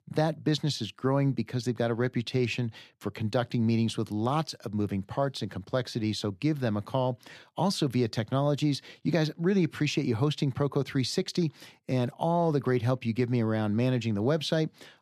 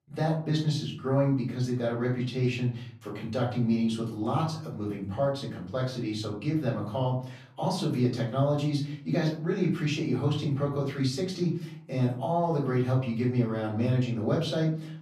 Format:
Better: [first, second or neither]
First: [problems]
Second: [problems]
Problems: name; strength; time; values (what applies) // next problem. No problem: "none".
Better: first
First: none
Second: off-mic speech; far // room echo; slight; dies away in 0.5 s